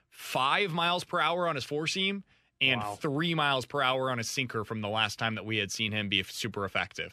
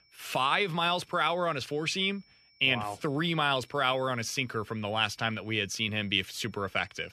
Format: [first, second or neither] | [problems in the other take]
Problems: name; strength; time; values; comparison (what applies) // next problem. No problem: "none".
first | high-pitched whine; faint; throughout; 5.5 kHz, 35 dB below the speech